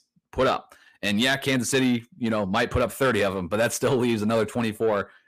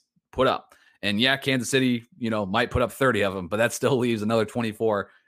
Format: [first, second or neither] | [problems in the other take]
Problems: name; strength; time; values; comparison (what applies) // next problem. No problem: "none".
second | distortion; slight; 10 dB below the speech